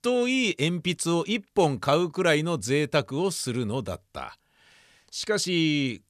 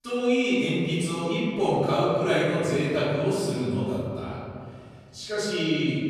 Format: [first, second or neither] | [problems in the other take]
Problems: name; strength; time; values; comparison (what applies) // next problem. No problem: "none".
first | room echo; strong; dies away in 2.4 s // off-mic speech; far